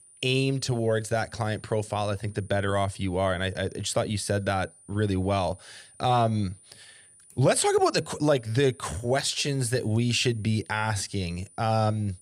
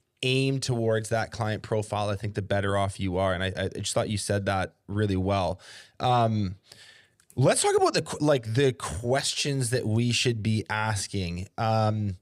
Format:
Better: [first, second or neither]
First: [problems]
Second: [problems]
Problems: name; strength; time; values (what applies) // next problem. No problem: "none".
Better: second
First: high-pitched whine; faint; throughout; 9.5 kHz, 25 dB below the speech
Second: none